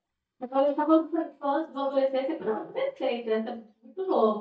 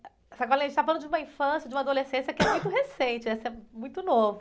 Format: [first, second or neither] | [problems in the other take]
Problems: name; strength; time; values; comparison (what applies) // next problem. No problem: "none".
second | noise reduction (neural mask model DeepFilterNet 3)